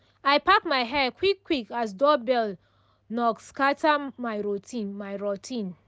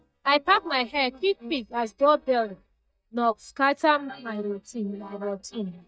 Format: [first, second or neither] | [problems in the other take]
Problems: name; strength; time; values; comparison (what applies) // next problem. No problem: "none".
first | noise reduction (neural mask model DeepFilterNet 3)